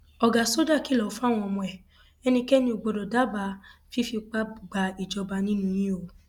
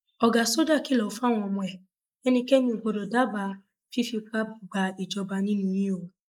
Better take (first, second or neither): first